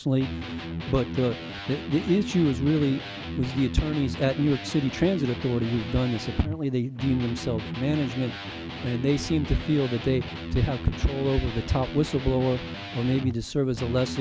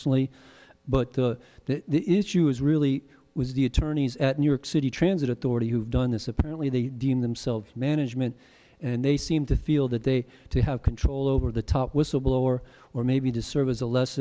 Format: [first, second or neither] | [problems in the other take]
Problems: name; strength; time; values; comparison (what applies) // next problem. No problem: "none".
second | background sound (Electric guitar); 9 dB below the speech